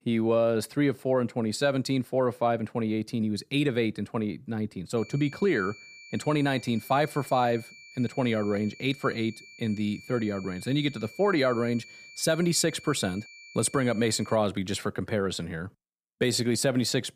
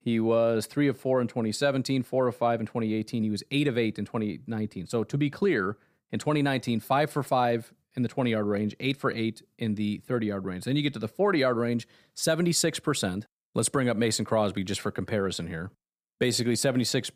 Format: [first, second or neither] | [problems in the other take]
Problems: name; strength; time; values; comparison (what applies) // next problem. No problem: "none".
second | high-pitched whine; noticeable; from 5 to 14 s; 2.5 kHz, 20 dB below the speech